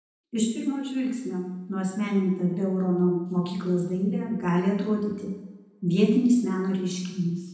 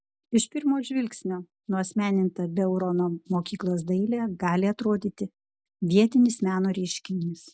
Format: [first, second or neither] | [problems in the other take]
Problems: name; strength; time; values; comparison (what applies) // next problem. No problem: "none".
second | room echo; dies away in 0.9 s